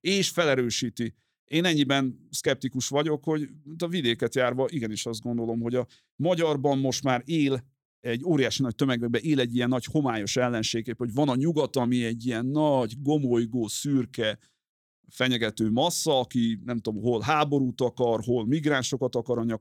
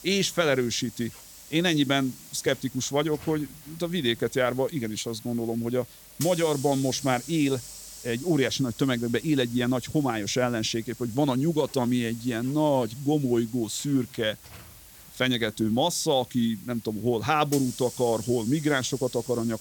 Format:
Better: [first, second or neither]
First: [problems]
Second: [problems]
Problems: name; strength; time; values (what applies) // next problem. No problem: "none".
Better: first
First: none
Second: hiss; noticeable; throughout; 15 dB below the speech